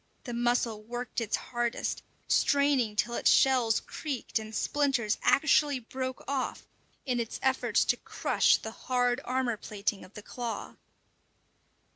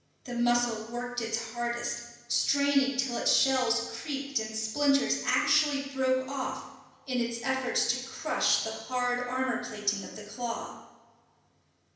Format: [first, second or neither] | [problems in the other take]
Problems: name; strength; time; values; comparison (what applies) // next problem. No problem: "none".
first | room echo; dies away in 0.9 s